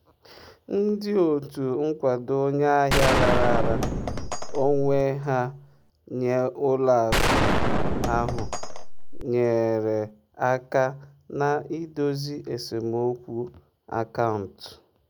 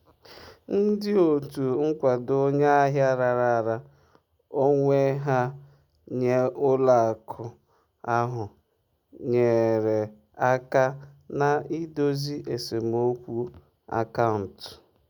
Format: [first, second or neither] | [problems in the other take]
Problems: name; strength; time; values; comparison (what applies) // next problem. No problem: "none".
second | background sound (Gunshot, gunfire); 2 dB above the speech